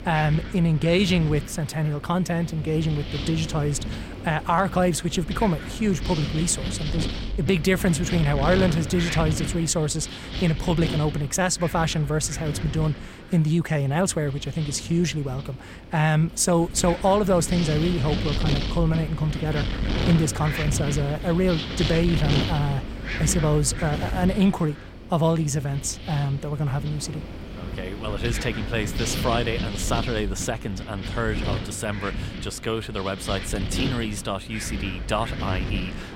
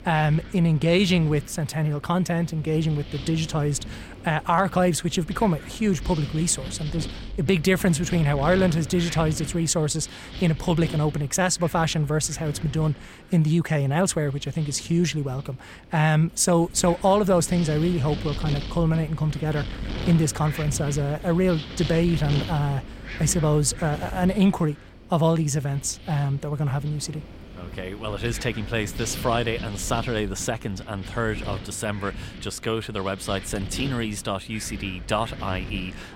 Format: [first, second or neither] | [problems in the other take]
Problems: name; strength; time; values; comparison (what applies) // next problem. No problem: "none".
second | wind noise on the microphone; heavy; 7 dB below the speech; occasional gusts in the second